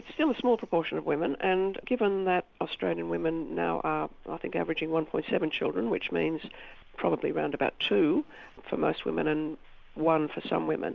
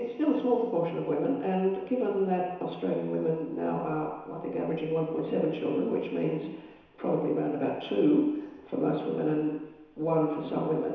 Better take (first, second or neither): first